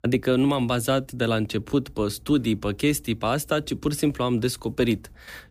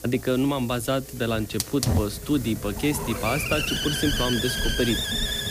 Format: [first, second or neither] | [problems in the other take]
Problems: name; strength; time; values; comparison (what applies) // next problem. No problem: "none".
first | hiss; loud; throughout; as loud as the speech